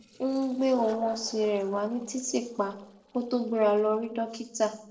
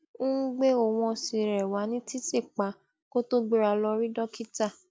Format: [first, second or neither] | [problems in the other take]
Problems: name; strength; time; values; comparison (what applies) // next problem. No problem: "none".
second | noise reduction (neural separator model SepFormer DNS4)